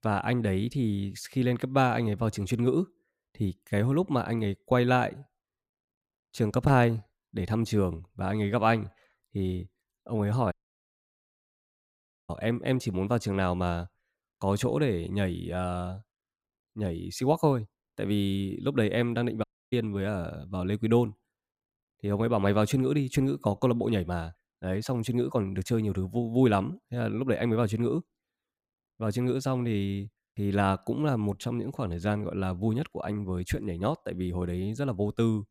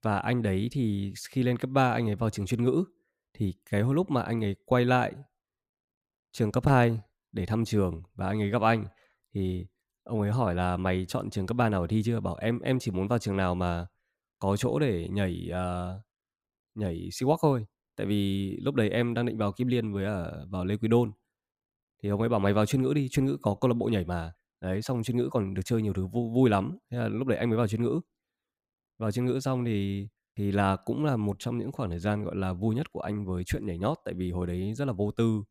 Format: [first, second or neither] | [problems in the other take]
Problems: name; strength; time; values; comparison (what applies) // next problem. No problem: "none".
second | audio cutting out; at 11 s for 2 s and at 19 s